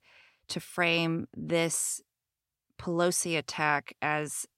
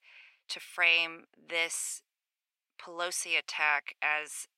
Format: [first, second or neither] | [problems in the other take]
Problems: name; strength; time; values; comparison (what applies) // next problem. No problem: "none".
first | thin; very; fading below 700 Hz